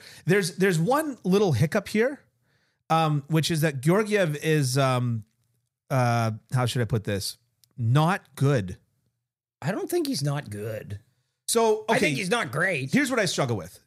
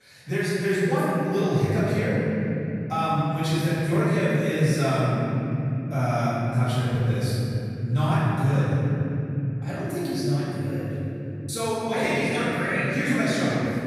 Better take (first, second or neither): first